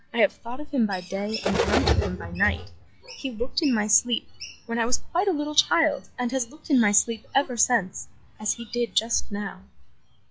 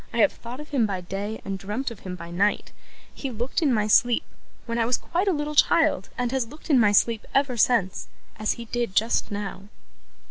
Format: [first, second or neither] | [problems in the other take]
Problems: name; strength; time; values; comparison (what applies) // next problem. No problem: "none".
second | noise reduction (classical method log-MMSE)